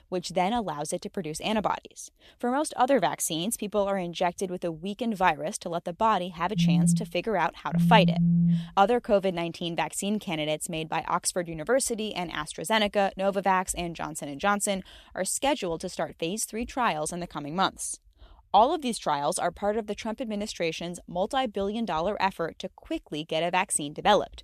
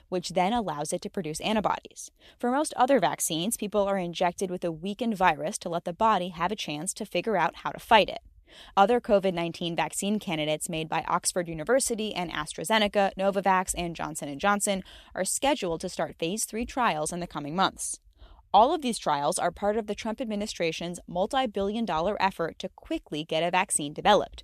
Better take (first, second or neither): second